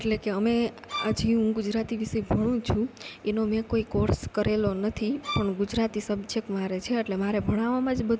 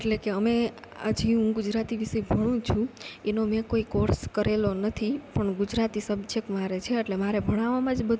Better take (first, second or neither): second